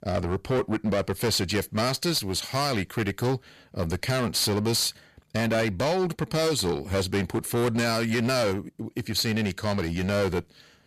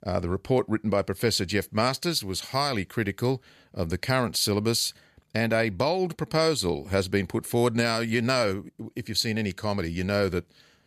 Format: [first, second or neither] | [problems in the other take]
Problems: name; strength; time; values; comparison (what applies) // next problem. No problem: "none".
second | distortion; heavy; 15% of the sound clipped